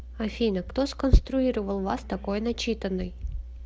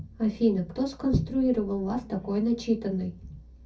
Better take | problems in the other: first | room echo; dies away in 0.3 s

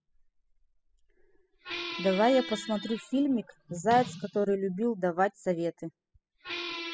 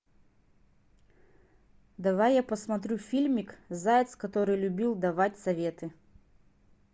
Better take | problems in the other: second | noise reduction (classical method spectral subtraction)

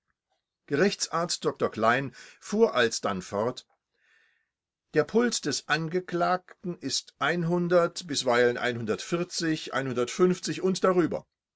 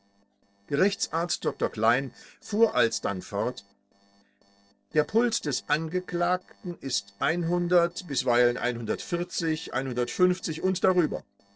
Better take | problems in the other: first | noise reduction (neural separator model SepFormer DNS4)

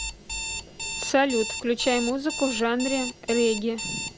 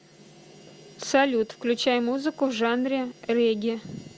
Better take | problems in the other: second | background sound (Alarm); 7 dB below the speech

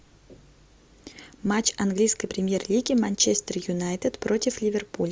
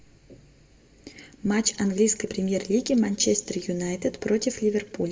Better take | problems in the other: first | room echo; dies away in 0.9 s

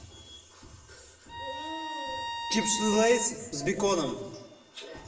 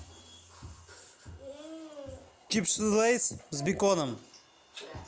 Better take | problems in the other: second | background sound (Bowed string instrument); 6 dB below the speech // room echo; dies away in 1 s

